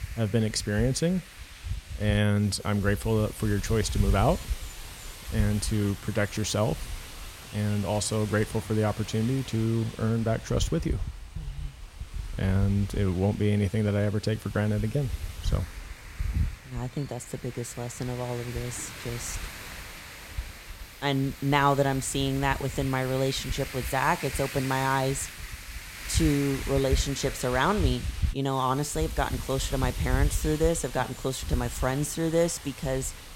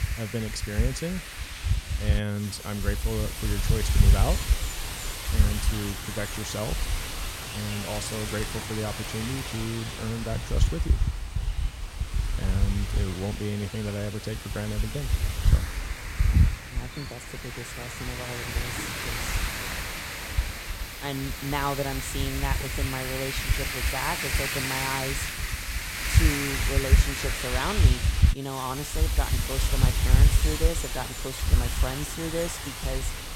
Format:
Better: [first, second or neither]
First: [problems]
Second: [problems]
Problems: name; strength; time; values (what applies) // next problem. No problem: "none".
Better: first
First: wind noise on the microphone; occasional gusts; 10 dB below the speech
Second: wind noise on the microphone; heavy; 2 dB above the speech